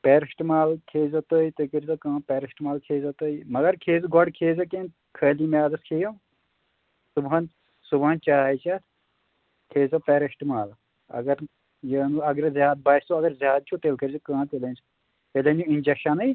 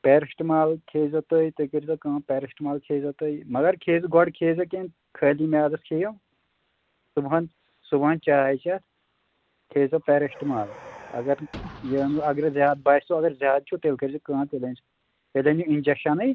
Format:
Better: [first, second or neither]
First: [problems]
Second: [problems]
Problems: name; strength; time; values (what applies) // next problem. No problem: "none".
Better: first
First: none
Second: background sound (Car); 19 dB below the speech